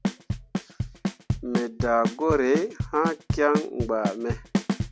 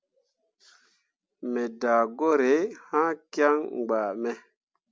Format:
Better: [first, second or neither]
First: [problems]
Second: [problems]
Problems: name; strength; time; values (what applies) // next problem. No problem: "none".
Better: second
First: background sound (Bass drum / Snare drum / Drum kit); 3 dB below the speech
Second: none